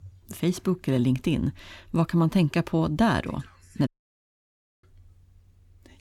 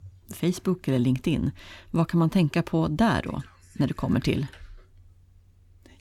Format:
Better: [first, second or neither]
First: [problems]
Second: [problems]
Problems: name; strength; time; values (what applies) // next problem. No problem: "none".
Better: second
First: audio cutting out; at 4 s for 1 s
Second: none